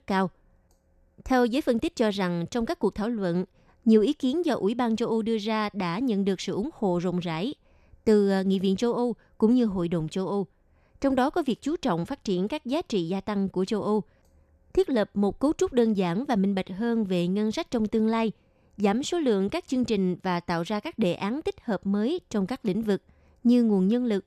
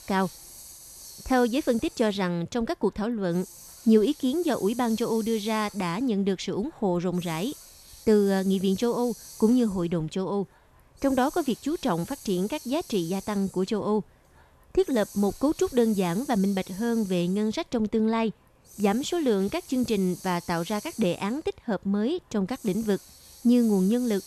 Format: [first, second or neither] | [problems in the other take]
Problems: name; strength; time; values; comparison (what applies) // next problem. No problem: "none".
first | hiss; noticeable; throughout; 20 dB below the speech